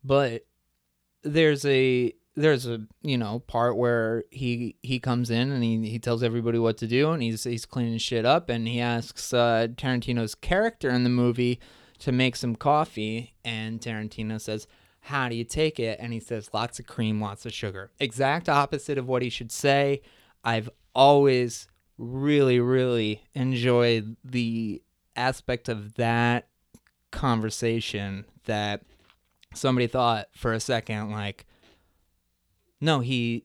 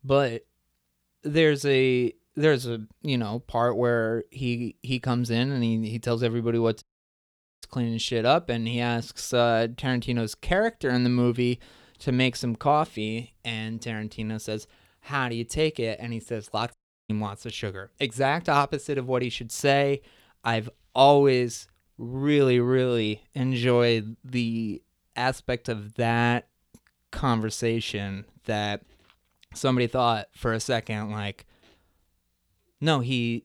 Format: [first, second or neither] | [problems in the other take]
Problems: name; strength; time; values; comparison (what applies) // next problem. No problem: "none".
first | audio cutting out; at 7 s for 1 s and at 17 s